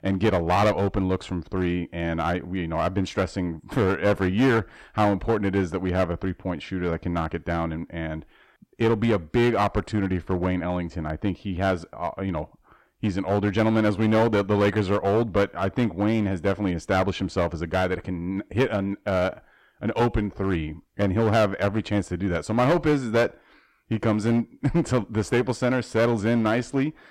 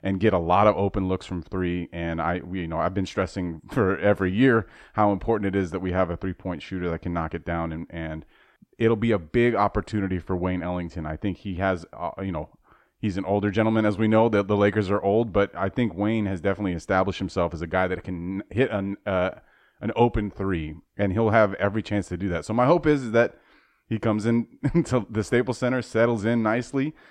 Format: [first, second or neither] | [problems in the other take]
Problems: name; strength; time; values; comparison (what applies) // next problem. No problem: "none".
second | distortion; slight; 6% of the sound clipped